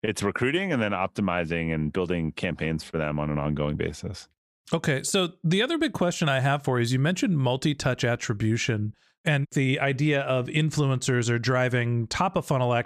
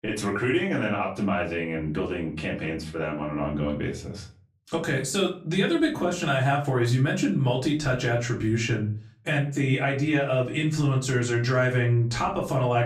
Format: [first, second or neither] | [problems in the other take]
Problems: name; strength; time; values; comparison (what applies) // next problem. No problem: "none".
first | off-mic speech; far // room echo; very slight; dies away in 0.3 s